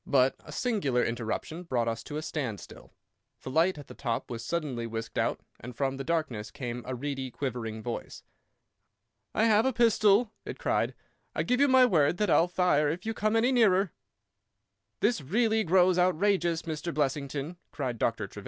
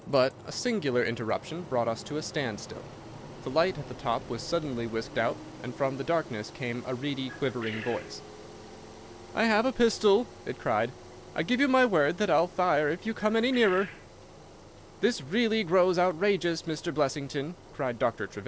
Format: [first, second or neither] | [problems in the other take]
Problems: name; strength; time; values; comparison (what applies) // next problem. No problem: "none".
first | background sound (Engine + Bird); 16 dB below the speech